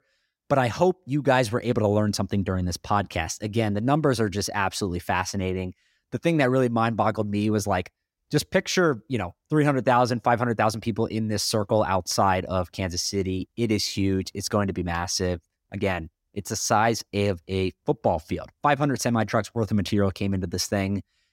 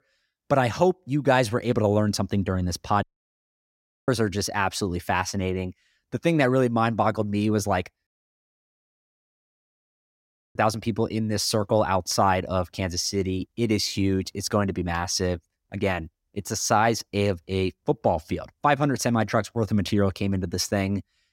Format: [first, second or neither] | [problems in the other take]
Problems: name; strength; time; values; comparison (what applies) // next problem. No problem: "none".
first | audio cutting out; at 3 s for 1 s and at 8 s for 2.5 s